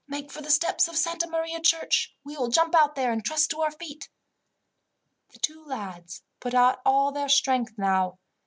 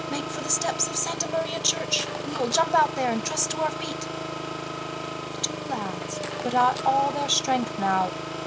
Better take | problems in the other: first | background sound (Engine); 5 dB below the speech

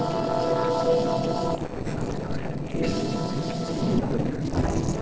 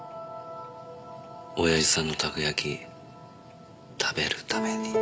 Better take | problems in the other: second | noise reduction (neural separator model SepFormer DNS4)

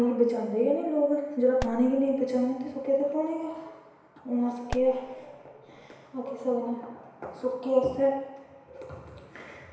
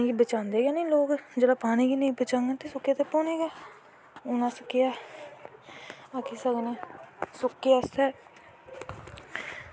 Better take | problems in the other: second | background sound (Fireworks); 13 dB below the speech // room echo; dies away in 1 s

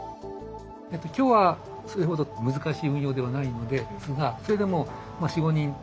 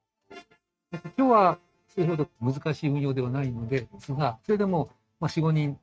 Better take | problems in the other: first | noise reduction (neural mask model RNNoise)

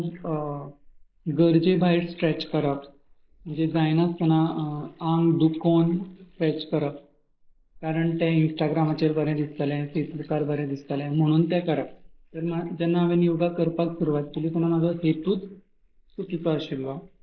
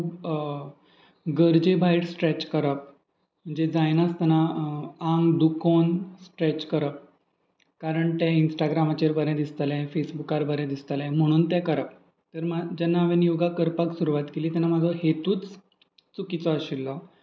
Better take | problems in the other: second | noise reduction (neural mask model Resemble Enhance denoiser)

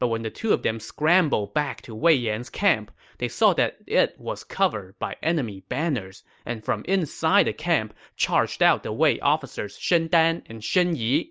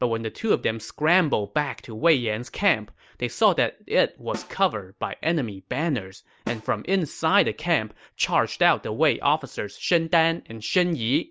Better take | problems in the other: first | background sound (Snare drum); 19 dB below the speech

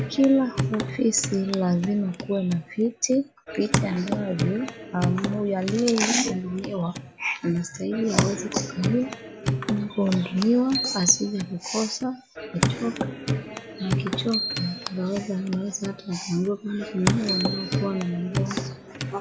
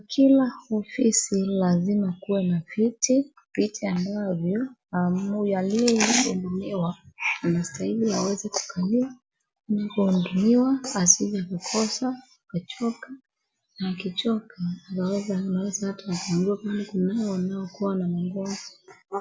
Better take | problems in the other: second | background sound (Bicycle bell + Hands / Wood); 4 dB below the speech

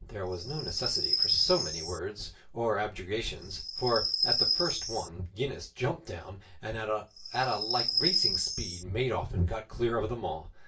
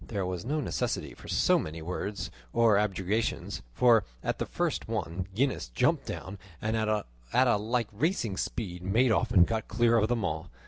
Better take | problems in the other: second | background sound (Chirp, tweet); 2 dB above the speech // room echo; dies away in 0.2 s

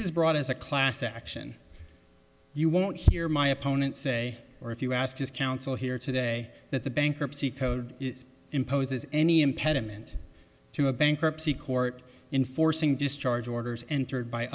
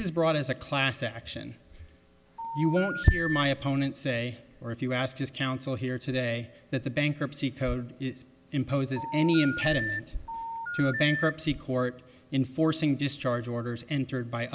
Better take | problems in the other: first | background sound (Telephone); 5 dB below the speech

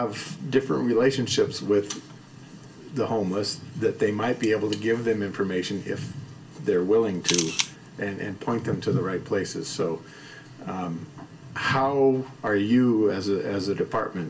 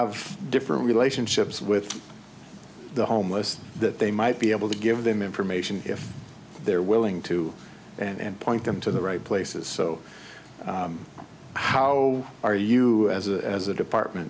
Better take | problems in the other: second | background sound (Camera); 4 dB below the speech // room echo; dies away in 0.2 s

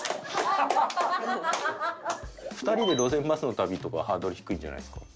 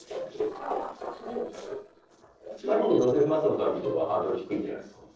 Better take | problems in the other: first | noise reduction (neural separator model SepFormer DNS4)

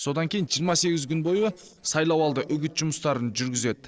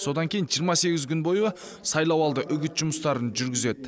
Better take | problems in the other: second | noise reduction (neural separator model SepFormer DNS4)

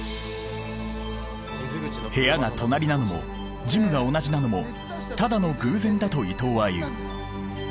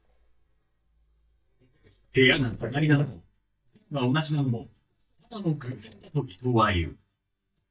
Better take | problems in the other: first | noise reduction (neural mask model DeepFilterNet 3)

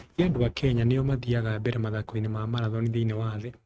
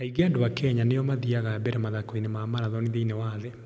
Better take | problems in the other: second | noise reduction (neural mask model RNNoise)

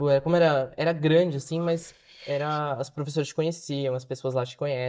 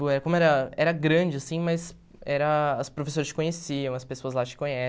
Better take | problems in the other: second | noise reduction (neural mask model DeepFilterNet 3)

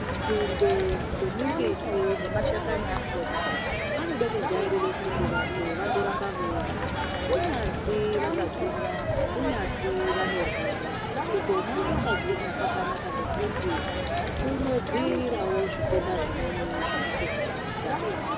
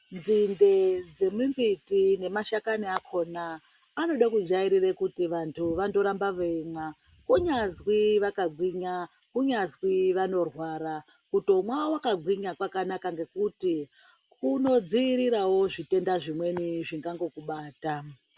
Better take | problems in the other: second | background sound (Crowd); 2 dB above the speech

